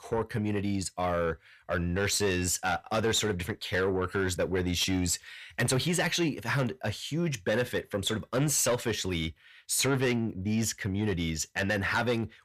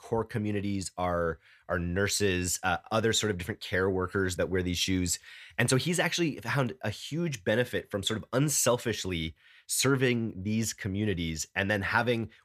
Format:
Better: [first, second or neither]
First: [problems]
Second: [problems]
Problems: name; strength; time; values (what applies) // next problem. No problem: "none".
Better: second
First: distortion; slight; 10 dB below the speech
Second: none